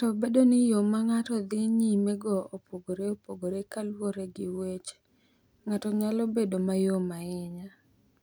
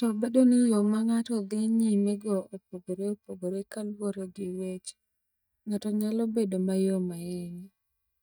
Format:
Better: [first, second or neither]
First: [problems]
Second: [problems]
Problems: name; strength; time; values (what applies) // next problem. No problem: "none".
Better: first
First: none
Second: noise reduction (neural mask model DeepFilterNet 3)